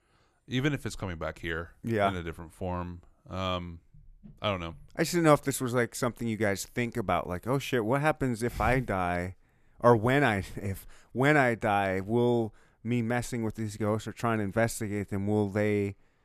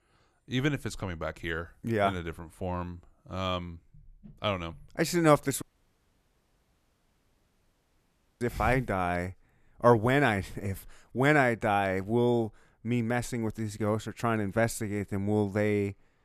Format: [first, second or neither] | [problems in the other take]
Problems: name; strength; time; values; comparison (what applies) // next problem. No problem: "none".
first | audio cutting out; at 5.5 s for 3 s